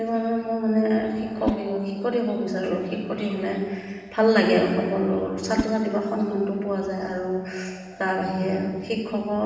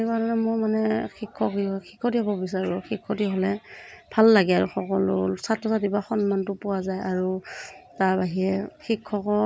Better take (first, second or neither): second